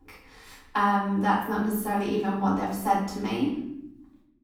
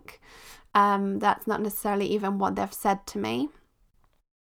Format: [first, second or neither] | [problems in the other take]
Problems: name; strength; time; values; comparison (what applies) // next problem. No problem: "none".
second | off-mic speech; far // room echo; noticeable; dies away in 0.8 s